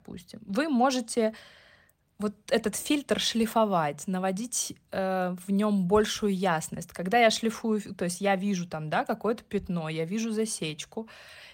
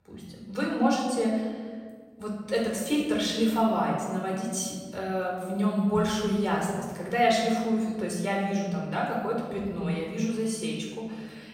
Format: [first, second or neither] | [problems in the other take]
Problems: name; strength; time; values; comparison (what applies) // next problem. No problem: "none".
first | off-mic speech; far // room echo; noticeable; dies away in 1.4 s